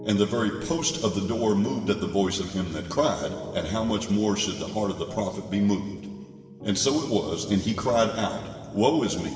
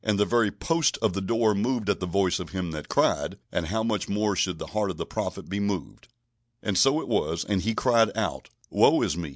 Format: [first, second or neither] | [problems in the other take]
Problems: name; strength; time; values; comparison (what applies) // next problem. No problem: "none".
second | background sound (Piano); 16 dB below the speech // room echo; dies away in 1.9 s